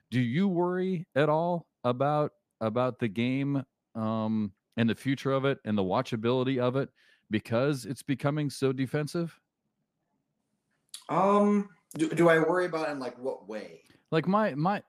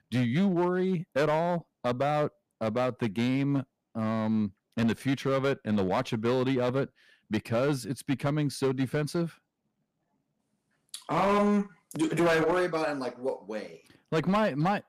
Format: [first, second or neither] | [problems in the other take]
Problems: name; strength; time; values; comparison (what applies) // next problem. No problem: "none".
first | distortion; slight; 8% of the sound clipped